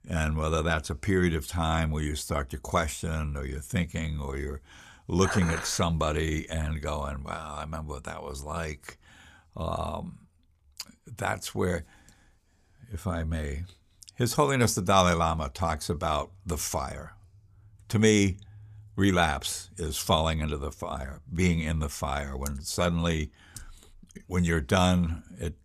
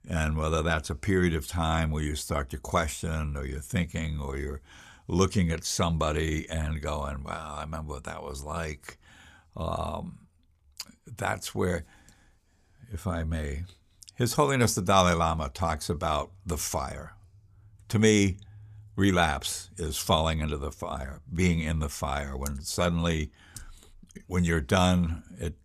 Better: second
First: clattering dishes; noticeable; from 5 to 6.5 s; peak 4 dB below the speech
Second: none

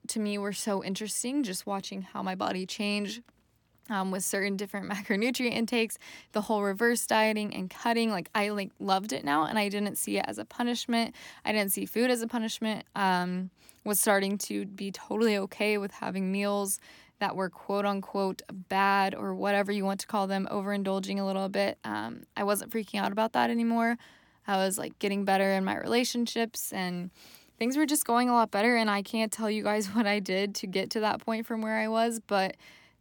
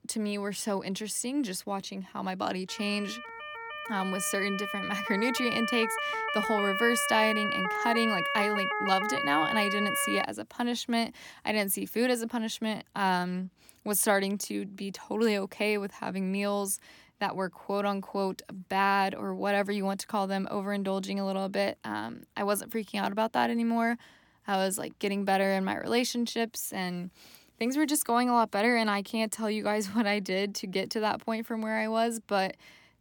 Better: first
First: none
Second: siren; loud; from 2.5 to 10 s; peak 1 dB above the speech

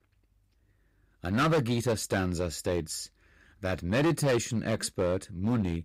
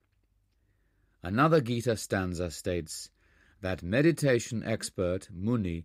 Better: second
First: distortion; heavy; 8% of the sound clipped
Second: none

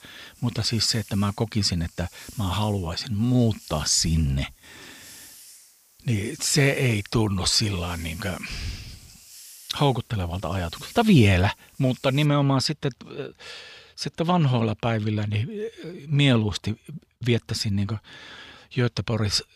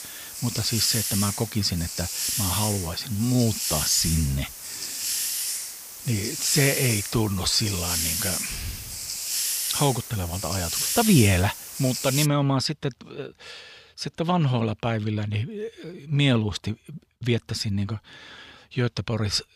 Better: first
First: hiss; faint; until 12 s; 20 dB below the speech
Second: hiss; loud; until 12 s; 2 dB below the speech

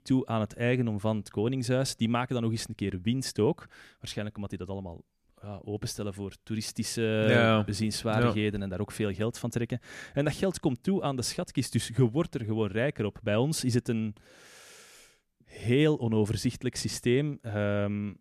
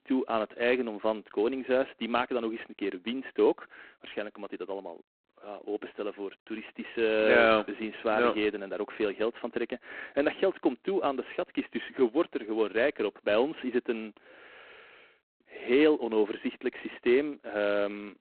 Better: first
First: none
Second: phone-call audio; poor line

